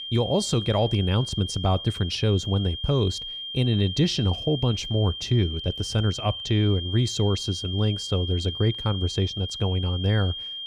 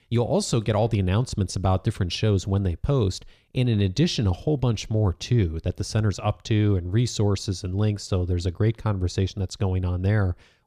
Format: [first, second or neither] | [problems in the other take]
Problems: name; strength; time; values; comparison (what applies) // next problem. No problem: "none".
second | high-pitched whine; loud; throughout; 3 kHz, 7 dB below the speech